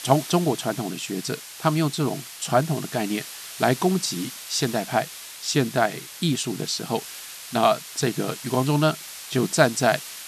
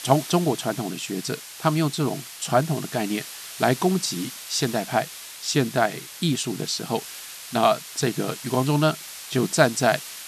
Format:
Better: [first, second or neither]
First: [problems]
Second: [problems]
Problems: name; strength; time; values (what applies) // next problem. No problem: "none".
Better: neither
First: hiss; noticeable; throughout; 10 dB below the speech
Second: hiss; noticeable; throughout; 10 dB below the speech